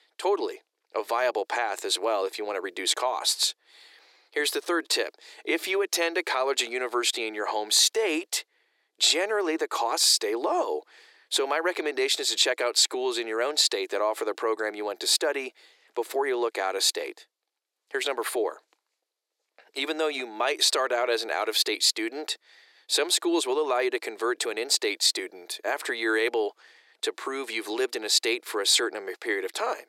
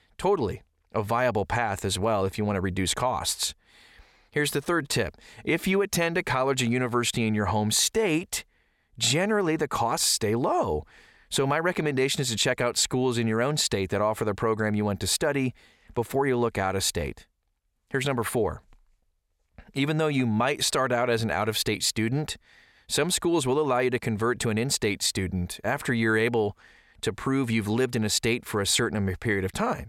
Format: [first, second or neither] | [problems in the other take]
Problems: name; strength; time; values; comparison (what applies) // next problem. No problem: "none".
second | thin; very; fading below 300 Hz